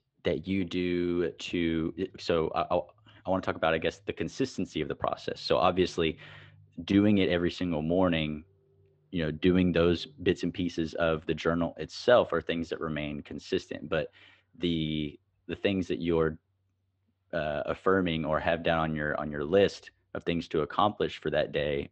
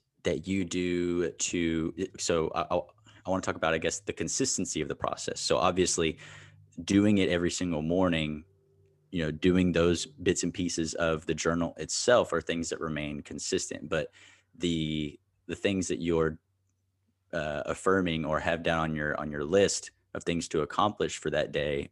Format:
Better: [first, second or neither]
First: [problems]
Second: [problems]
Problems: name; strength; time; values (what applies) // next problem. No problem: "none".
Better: second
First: muffled; slightly; fading above 4 kHz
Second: none